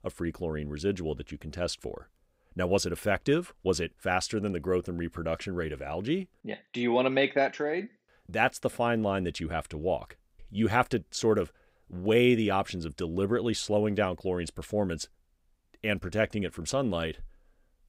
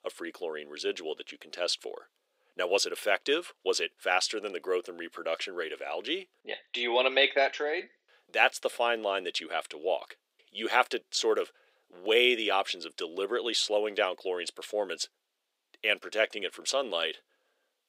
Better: first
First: none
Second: thin; very; fading below 400 Hz

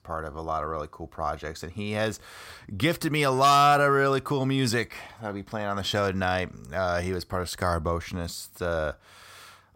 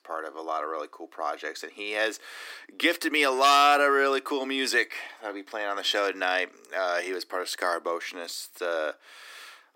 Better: first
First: none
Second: thin; somewhat; fading below 300 Hz

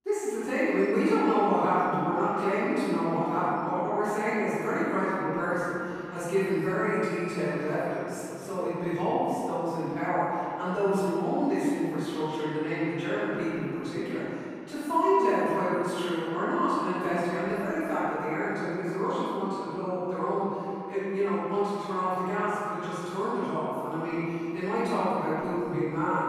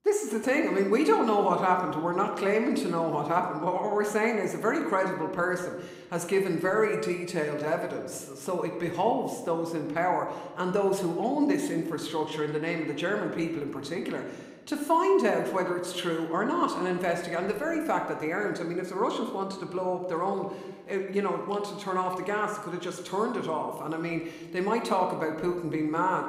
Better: second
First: room echo; strong; dies away in 2.8 s // off-mic speech; far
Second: room echo; slight; dies away in 0.9 s

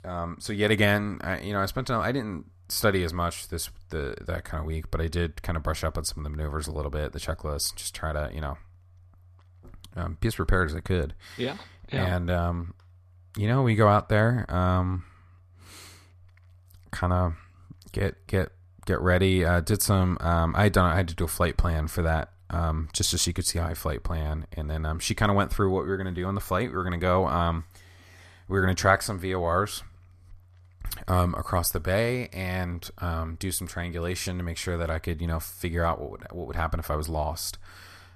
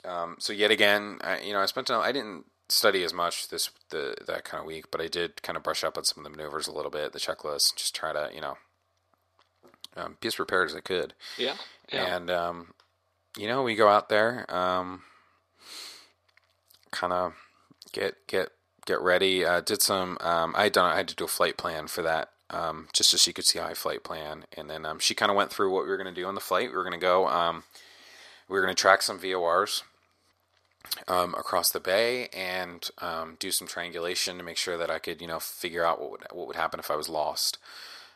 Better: first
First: none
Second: thin; very; fading below 450 Hz

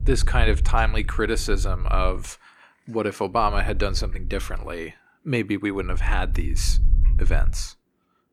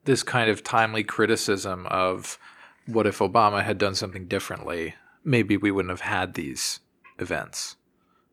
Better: second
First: low rumble; faint; until 2 s, from 3.5 to 4.5 s and from 6 to 7.5 s; 20 dB below the speech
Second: none

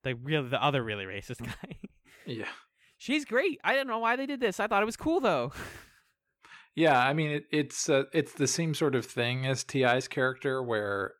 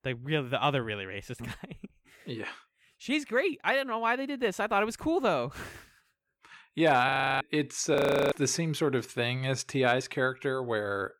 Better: first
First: none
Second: audio freezing; at 7 s and at 8 s

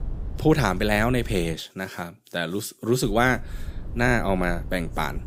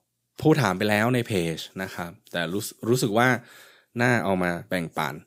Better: second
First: low rumble; faint; until 1.5 s and from 3 s on; 25 dB below the speech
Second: none

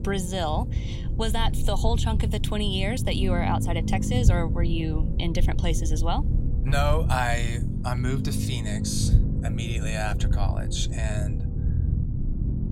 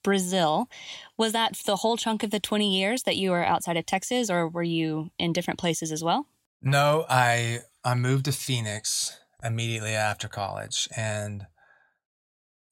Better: second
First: low rumble; loud; throughout; 9 dB below the speech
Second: none

